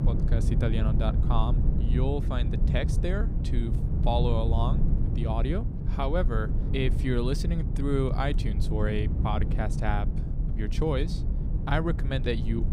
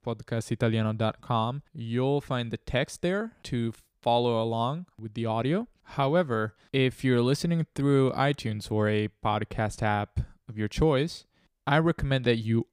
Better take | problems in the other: second | low rumble; loud; throughout; 8 dB below the speech

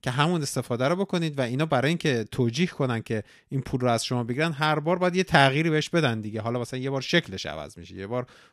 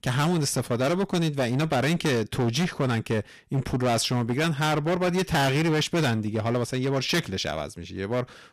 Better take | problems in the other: first | distortion; heavy; 20% of the sound clipped

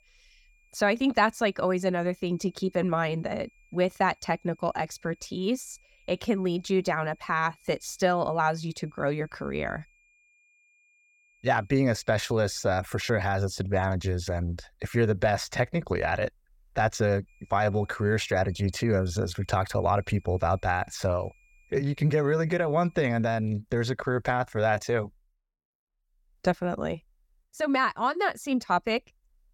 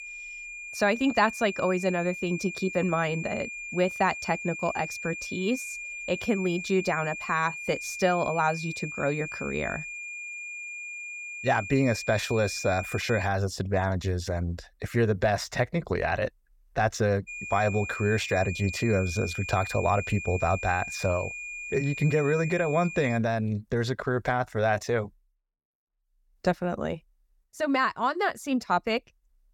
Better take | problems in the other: first | high-pitched whine; loud; until 13 s and from 17 to 23 s; 2.5 kHz, 8 dB below the speech; faint in the first

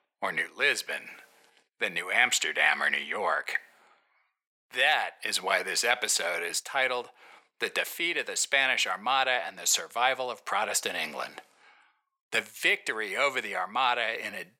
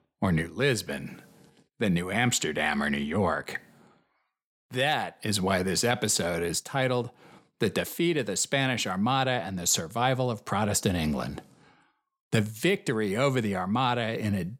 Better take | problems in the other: second | thin; very; fading below 700 Hz

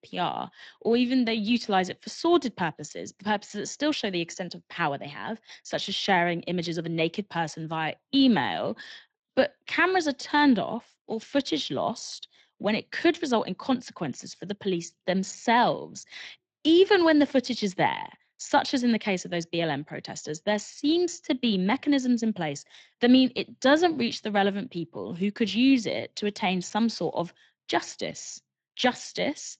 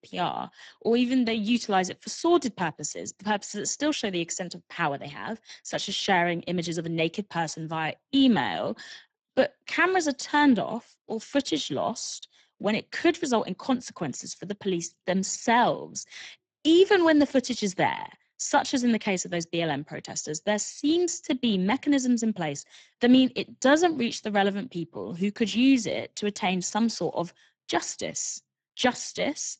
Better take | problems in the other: first | garbled, watery; badly; nothing above 7.5 kHz; slightly in the first

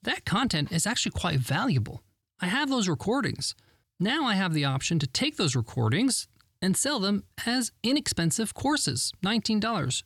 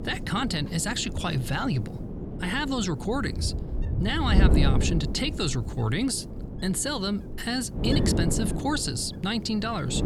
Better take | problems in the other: first | wind noise on the microphone; heavy; 9 dB below the speech

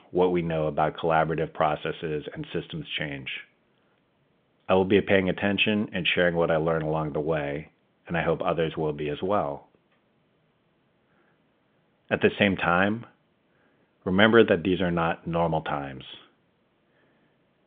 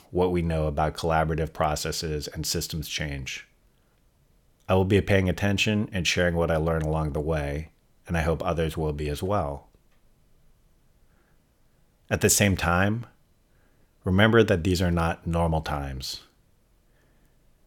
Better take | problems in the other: second | phone-call audio; nothing above 3.5 kHz

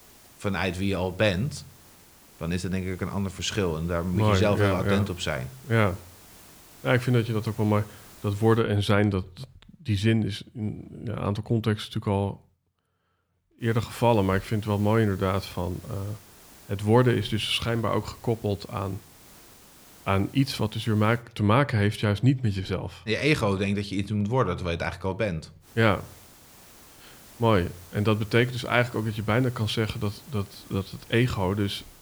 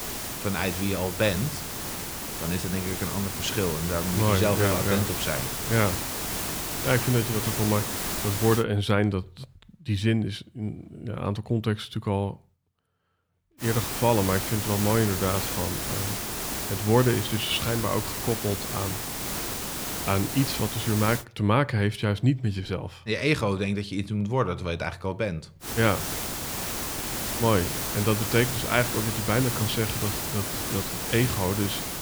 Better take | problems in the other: first | hiss; loud; until 8.5 s, from 14 to 21 s and from 26 s on; 3 dB below the speech; faint in the first

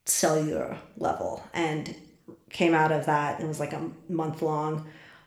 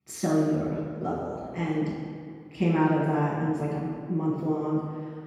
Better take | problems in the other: first | room echo; strong; dies away in 2 s; slight in the first // off-mic speech; far

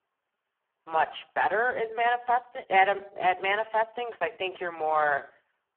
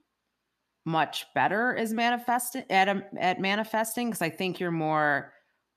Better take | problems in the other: second | phone-call audio; poor line

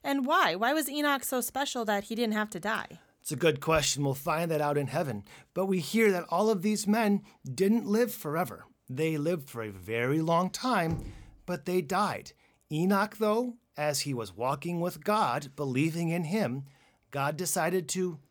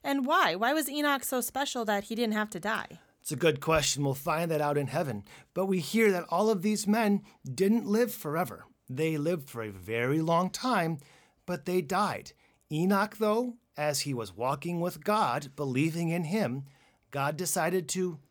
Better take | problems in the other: second | door banging; faint; at 11 s; peak 10 dB below the speech

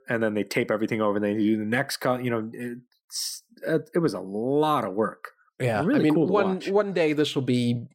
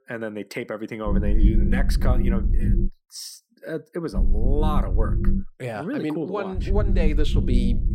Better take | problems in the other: first | low rumble; loud; from 1 to 3 s, from 4 to 5.5 s and from 6.5 s on; 6 dB below the speech

